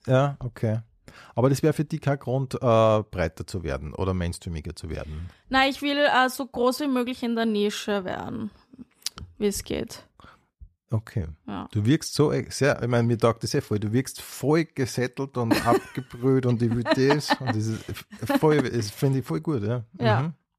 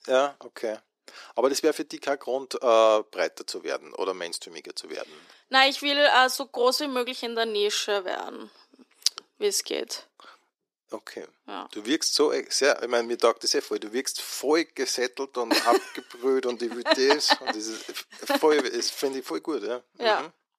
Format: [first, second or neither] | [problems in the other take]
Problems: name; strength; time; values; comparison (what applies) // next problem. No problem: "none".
first | thin; somewhat; fading below 300 Hz